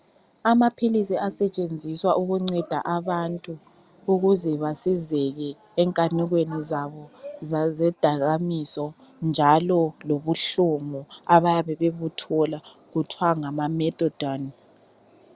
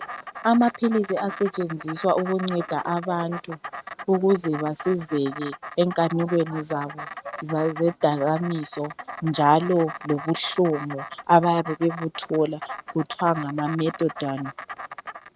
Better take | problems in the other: first | noise reduction (neural mask model RNNoise)

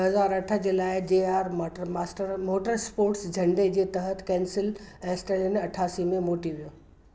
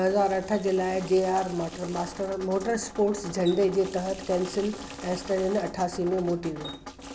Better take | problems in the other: first | background sound (Water tap, faucet + Drip); 14 dB below the speech

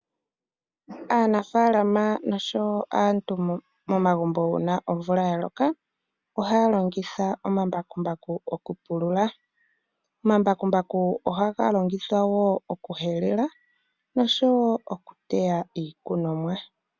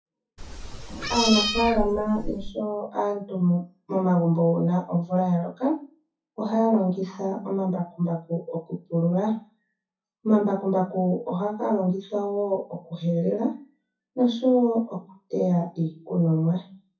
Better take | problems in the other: first | noise reduction (classical method WPE with log-MMSE)

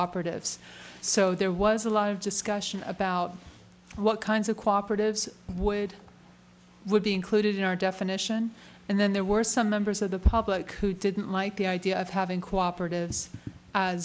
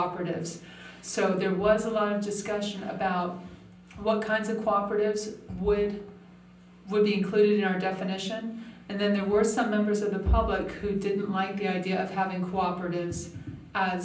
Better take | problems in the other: first | room echo; dies away in 0.6 s

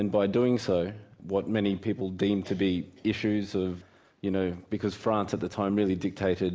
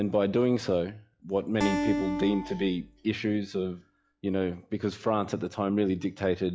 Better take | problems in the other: first | noise reduction (classical method log-MMSE)

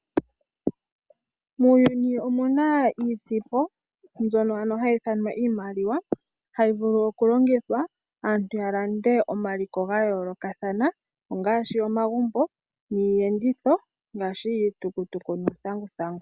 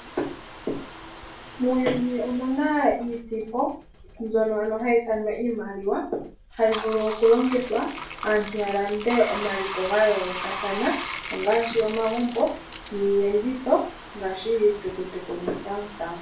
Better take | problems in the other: first | background sound (Bathtub (filling or washing)); 13 dB below the speech // room echo; dies away in 0.3 s

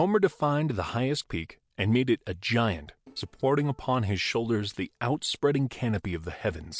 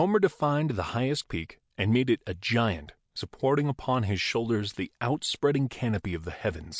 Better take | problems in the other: second | noise reduction (neural separator model SepFormer DNS4)

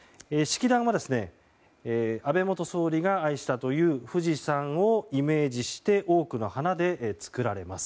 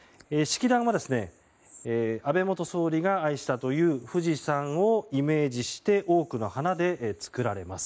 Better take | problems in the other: first | noise reduction (neural mask model Resemble Enhance denoiser)

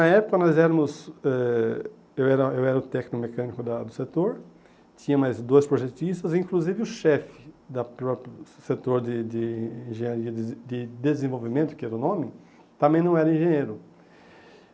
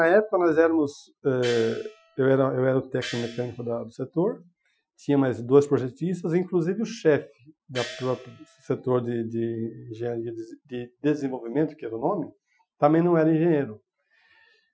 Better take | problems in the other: first | noise reduction (classical method Wiener filter)

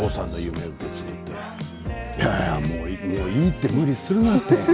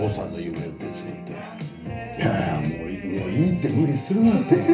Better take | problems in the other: first | room echo; dies away in 0.3 s

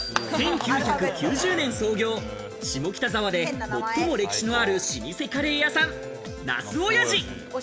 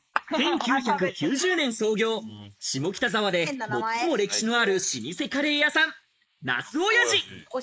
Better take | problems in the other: first | noise reduction (neural mask model Resemble Enhance denoiser)

